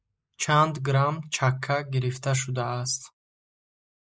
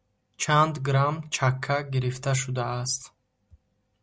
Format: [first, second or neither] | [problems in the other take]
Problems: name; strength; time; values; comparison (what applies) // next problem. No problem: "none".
second | noise reduction (neural mask model Resemble Enhance denoiser)